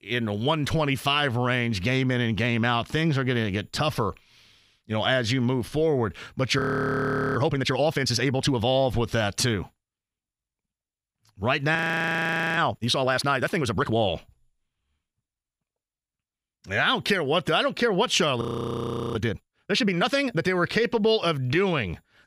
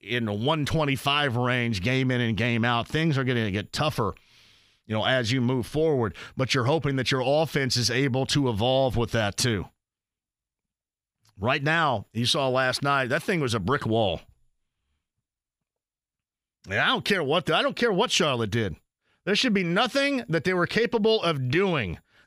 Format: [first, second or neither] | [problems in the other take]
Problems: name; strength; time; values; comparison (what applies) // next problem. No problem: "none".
second | audio freezing; at 6.5 s for 1 s, at 12 s for 1 s and at 18 s for 0.5 s